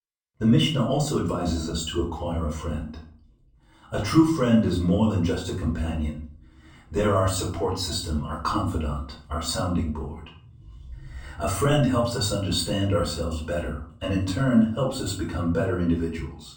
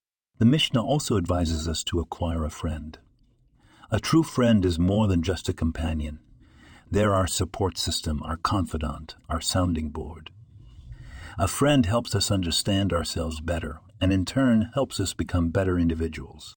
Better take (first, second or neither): second